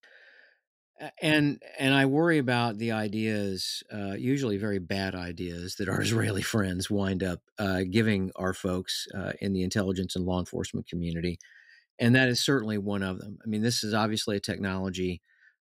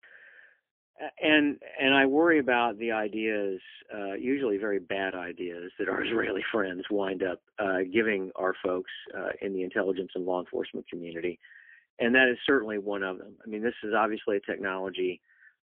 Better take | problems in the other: first | phone-call audio; poor line; nothing above 3 kHz

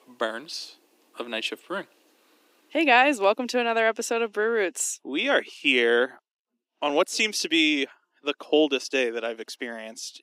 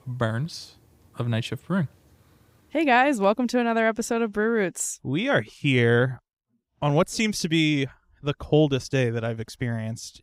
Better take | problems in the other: second | thin; somewhat; fading below 300 Hz

